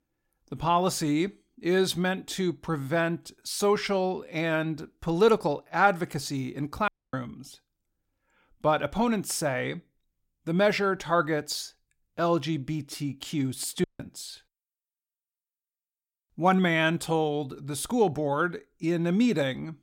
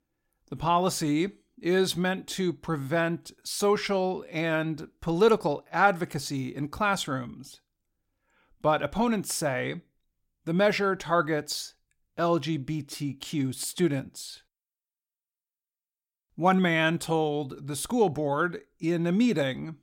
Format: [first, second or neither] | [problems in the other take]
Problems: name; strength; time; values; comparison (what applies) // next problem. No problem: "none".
second | audio cutting out; at 7 s and at 14 s